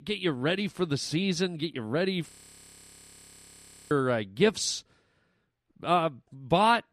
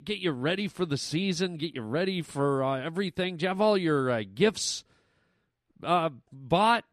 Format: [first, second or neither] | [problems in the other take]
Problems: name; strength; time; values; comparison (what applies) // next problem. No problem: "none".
second | audio freezing; at 2.5 s for 1.5 s